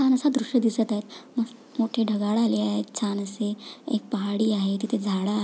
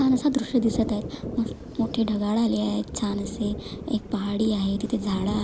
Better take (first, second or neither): first